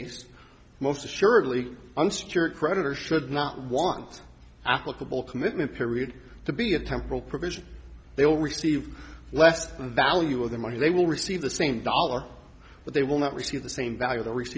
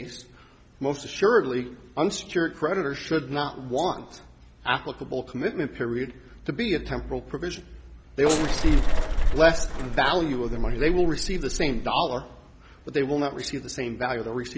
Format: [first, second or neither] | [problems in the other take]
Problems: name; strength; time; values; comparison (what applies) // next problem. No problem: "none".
first | background sound (Bus / Engine); 3 dB above the speech